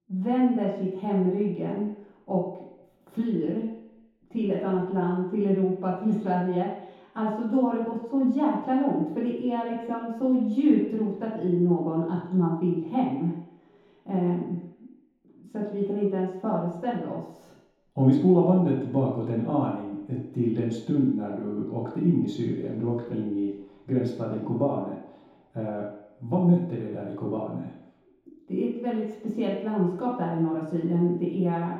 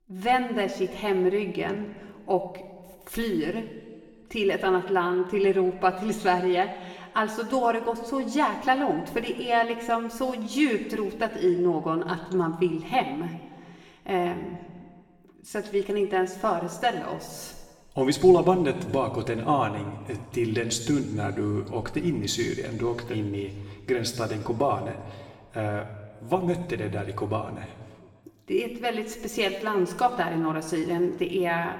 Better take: second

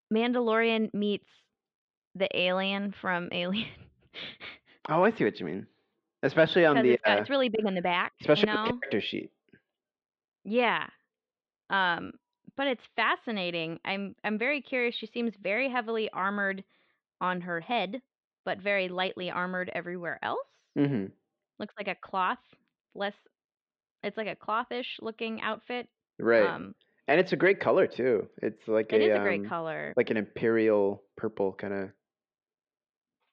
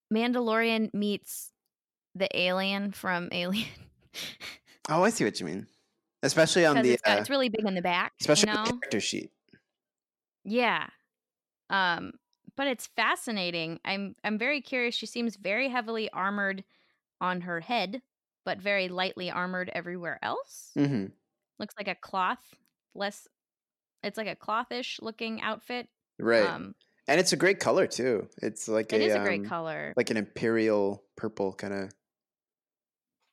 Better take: second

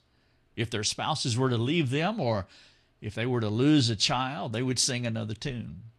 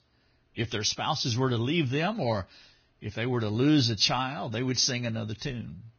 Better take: first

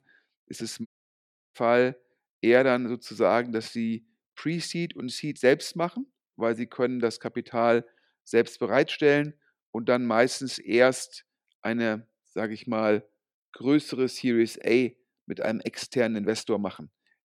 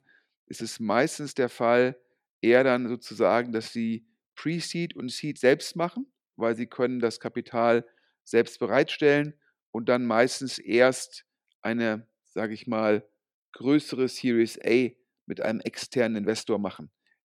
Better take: second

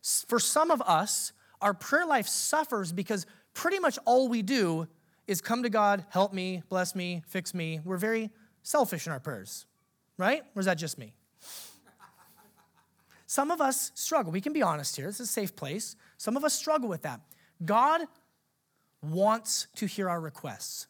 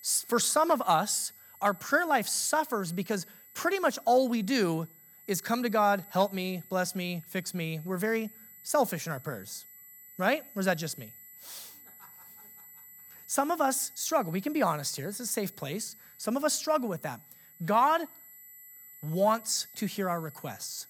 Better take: first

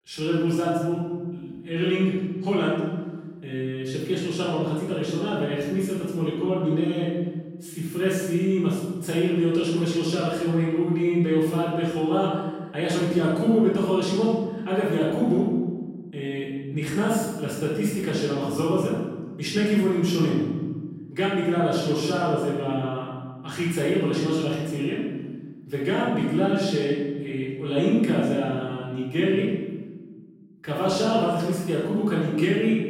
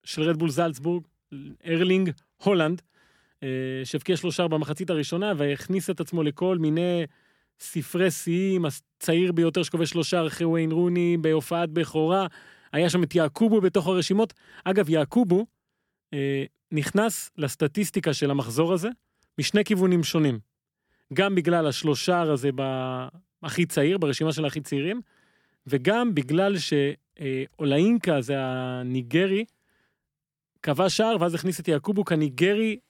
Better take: second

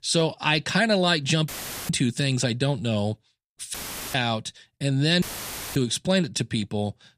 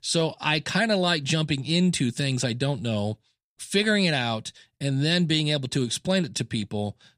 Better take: second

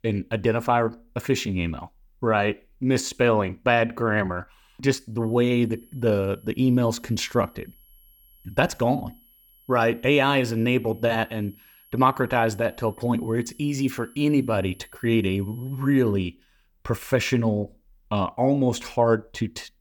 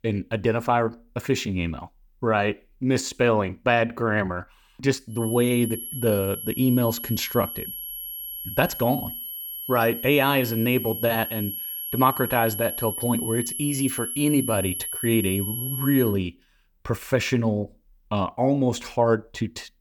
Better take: first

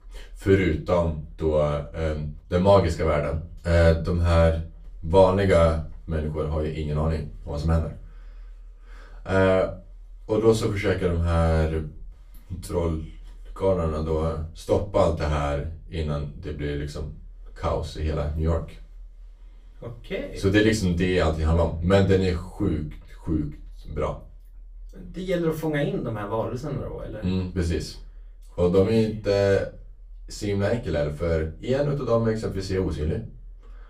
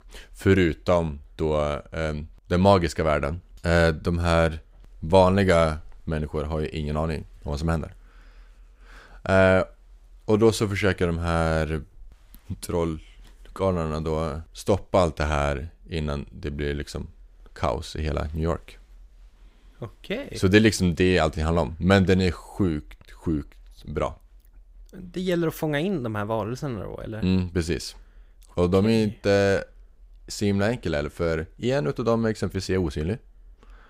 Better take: second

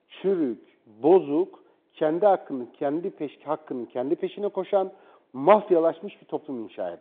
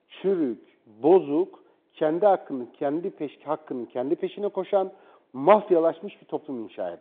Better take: neither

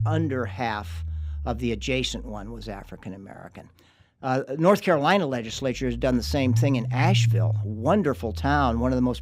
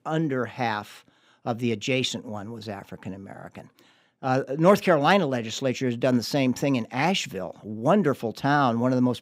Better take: second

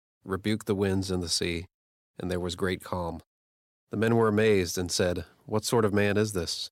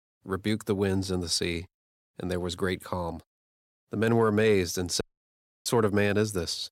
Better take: first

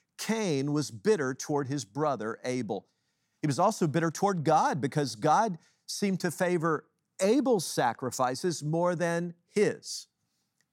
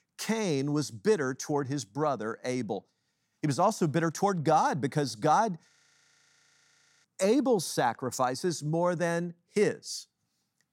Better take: first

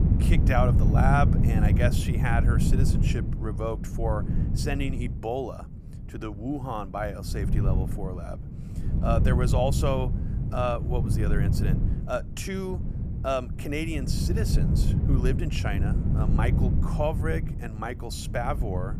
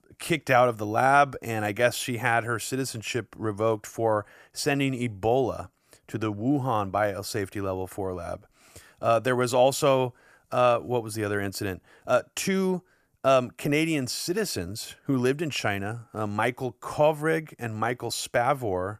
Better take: second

